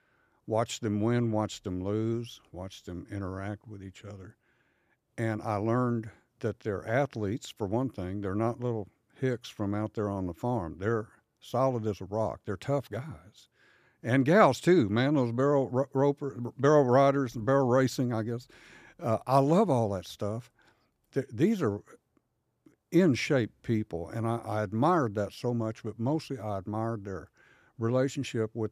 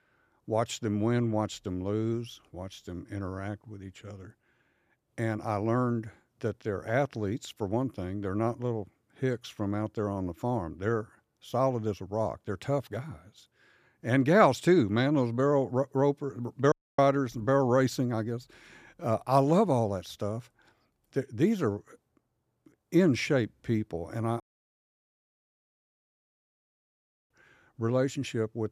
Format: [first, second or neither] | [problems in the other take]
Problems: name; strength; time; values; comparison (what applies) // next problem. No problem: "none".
first | audio cutting out; at 17 s and at 24 s for 3 s